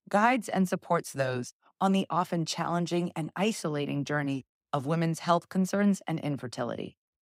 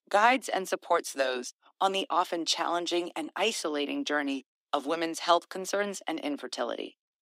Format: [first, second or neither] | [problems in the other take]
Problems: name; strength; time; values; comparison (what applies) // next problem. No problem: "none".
first | thin; somewhat; fading below 300 Hz